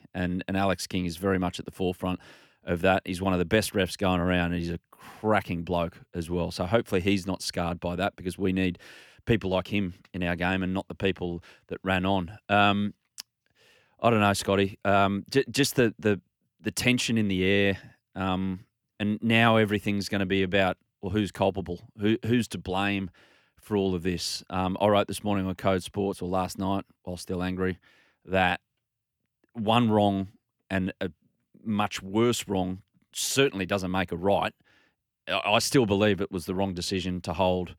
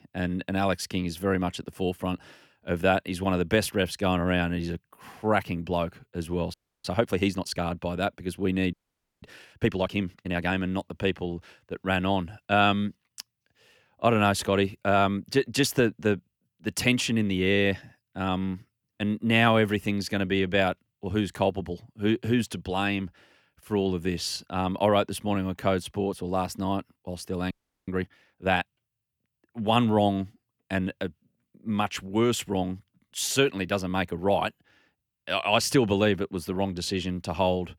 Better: first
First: none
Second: audio freezing; at 6.5 s, at 8.5 s and at 28 s

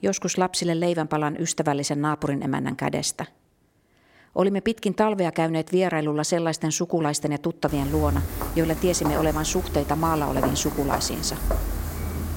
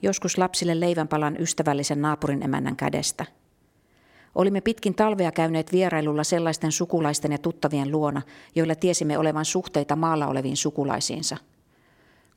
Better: second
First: footsteps; noticeable; from 7.5 s on; peak 3 dB below the speech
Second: none

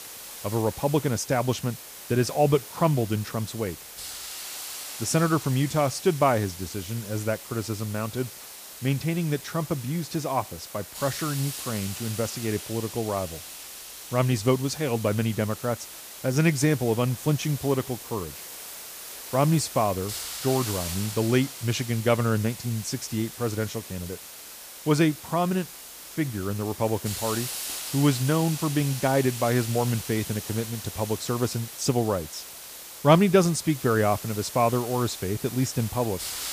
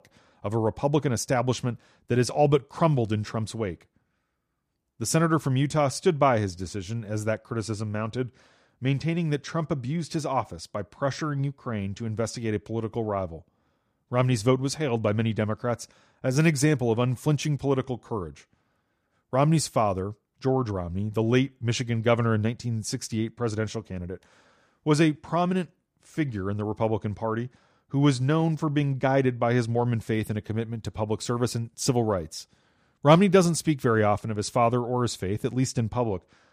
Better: second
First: hiss; loud; throughout; 10 dB below the speech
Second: none

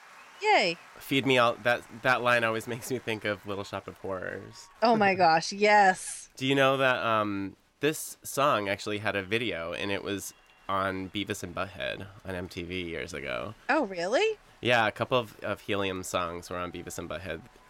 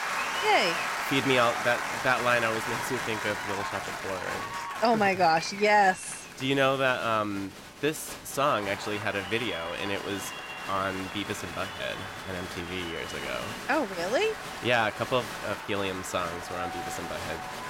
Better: first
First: crowd noise; faint; throughout; 30 dB below the speech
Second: crowd noise; loud; throughout; 6 dB below the speech

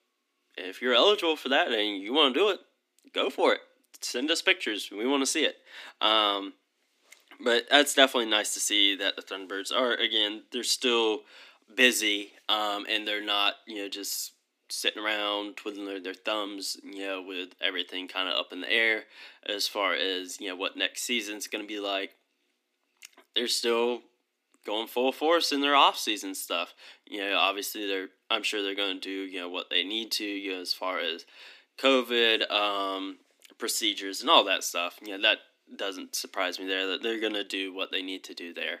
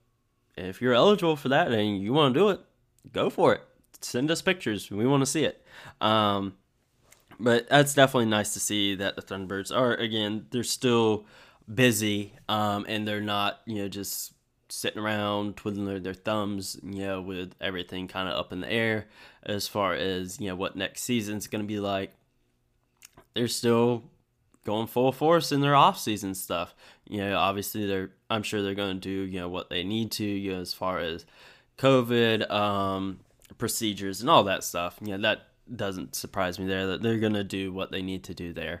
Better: second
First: thin; very slightly; fading below 250 Hz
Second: none

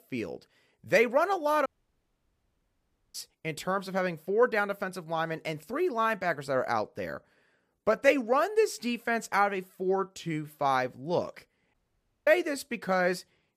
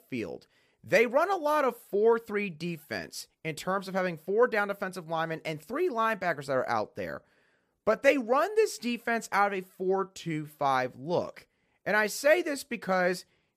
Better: second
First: audio cutting out; at 1.5 s for 1.5 s and at 12 s for 0.5 s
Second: none

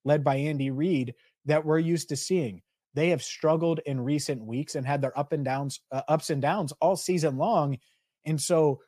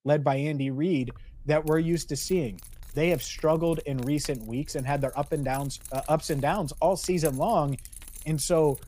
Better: first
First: none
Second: jangling keys; faint; from 1 s on; peak 10 dB below the speech

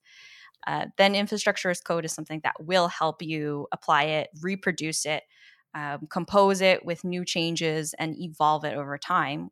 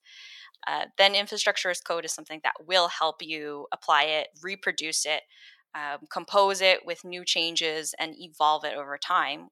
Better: first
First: none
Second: thin; somewhat; fading below 500 Hz

